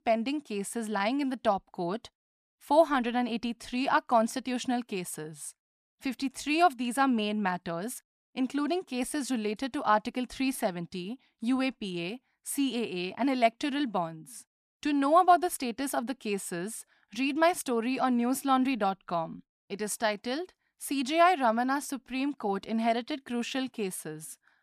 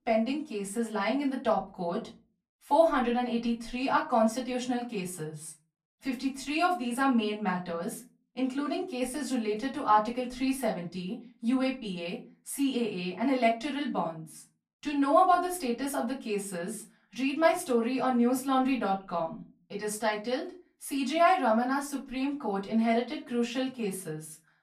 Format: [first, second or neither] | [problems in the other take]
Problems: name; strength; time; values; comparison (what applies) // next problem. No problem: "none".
first | off-mic speech; far // room echo; very slight; dies away in 0.3 s